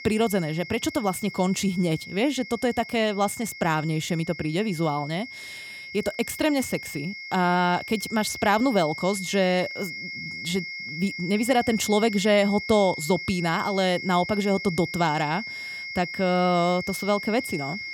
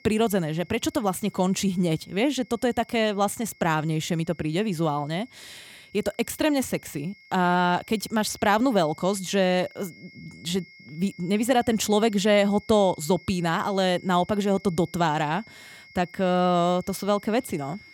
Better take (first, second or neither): second